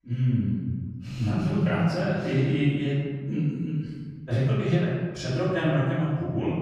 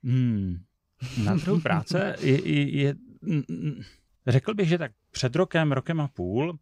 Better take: second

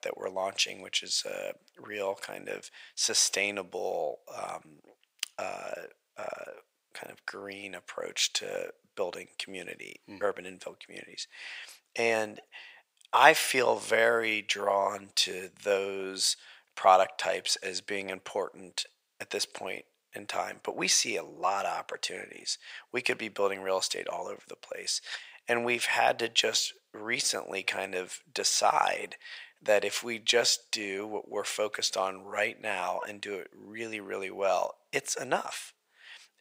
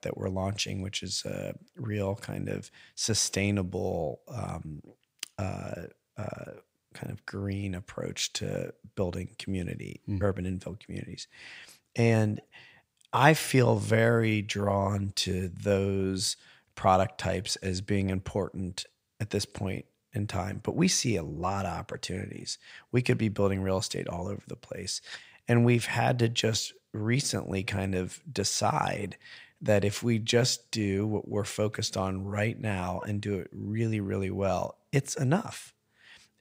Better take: second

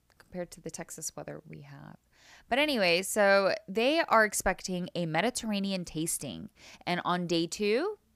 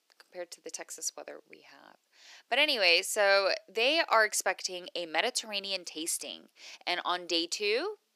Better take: first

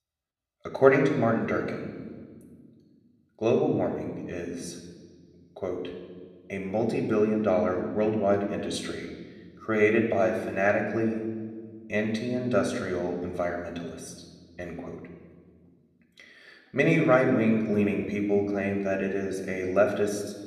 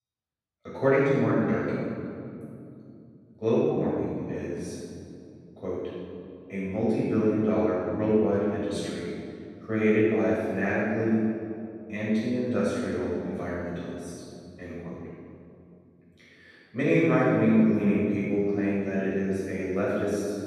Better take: first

